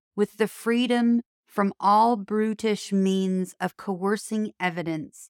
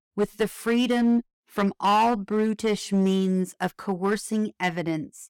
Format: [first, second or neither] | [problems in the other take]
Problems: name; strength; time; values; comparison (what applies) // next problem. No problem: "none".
first | distortion; slight; 8% of the sound clipped